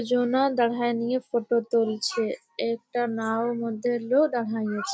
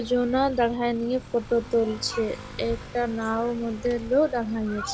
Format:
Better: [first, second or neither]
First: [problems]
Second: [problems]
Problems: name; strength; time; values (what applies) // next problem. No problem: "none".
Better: first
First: none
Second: background sound (Motorcycle / Accelerating, revving, vroom); 15 dB below the speech